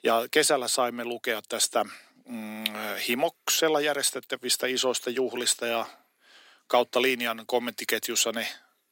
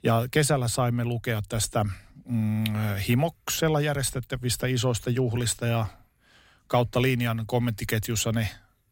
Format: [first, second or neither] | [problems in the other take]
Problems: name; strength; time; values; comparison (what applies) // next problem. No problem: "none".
second | thin; somewhat; fading below 300 Hz